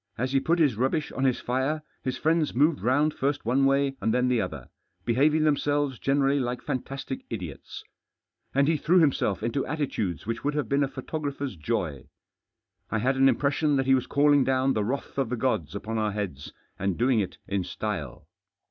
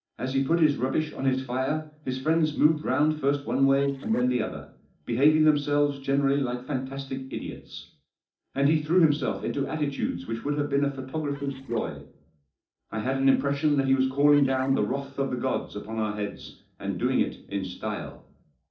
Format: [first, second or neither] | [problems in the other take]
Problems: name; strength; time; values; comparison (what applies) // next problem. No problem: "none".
first | noise reduction (neural separator model SepFormer DNS4)